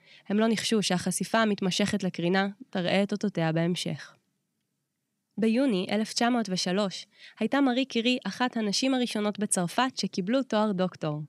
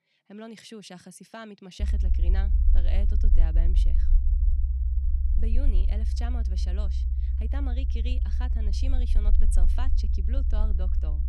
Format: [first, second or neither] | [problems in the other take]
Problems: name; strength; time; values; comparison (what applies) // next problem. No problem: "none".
first | low rumble; loud; from 2 s on; 4 dB below the speech